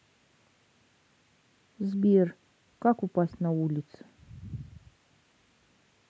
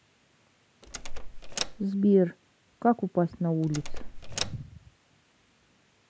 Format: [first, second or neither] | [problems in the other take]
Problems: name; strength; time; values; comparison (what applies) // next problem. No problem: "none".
first | background sound (Door); 3 dB below the speech